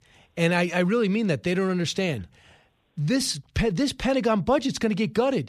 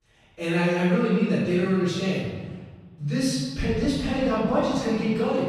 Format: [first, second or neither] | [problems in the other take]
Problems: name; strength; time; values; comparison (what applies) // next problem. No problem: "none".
first | off-mic speech; far // room echo; strong; dies away in 1.4 s